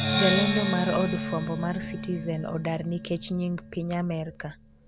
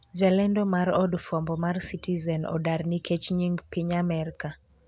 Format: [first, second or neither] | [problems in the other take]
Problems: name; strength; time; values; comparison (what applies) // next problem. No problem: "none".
second | background sound (Percussion); 2 dB below the speech